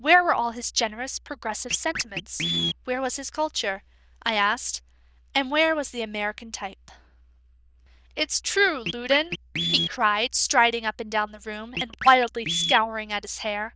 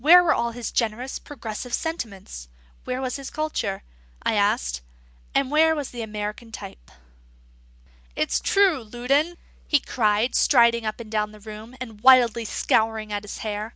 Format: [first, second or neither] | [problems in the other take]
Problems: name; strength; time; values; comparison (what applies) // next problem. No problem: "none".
second | noise reduction (neural diffusion model UNIVERSE++)